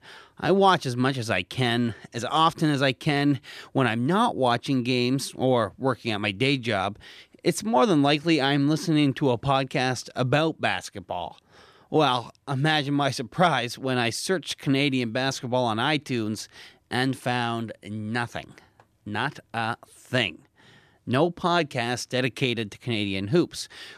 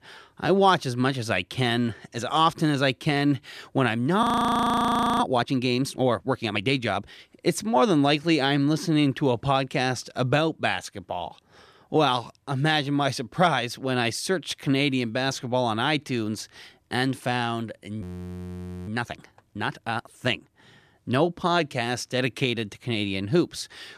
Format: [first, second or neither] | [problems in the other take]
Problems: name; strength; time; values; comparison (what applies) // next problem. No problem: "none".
first | audio freezing; at 4 s for 1 s and at 18 s for 1 s